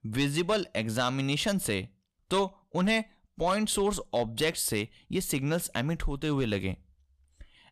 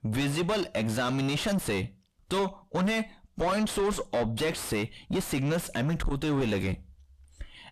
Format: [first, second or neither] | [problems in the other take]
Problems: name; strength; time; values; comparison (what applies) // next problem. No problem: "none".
first | distortion; heavy; 5 dB below the speech